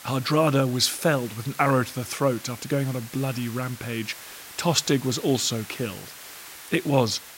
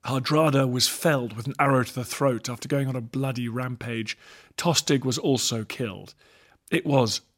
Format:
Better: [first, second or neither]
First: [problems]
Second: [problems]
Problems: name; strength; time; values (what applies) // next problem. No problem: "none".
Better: second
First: hiss; noticeable; throughout; 15 dB below the speech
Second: none